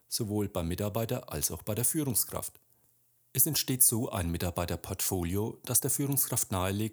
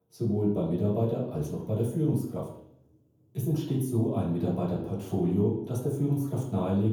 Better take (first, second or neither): first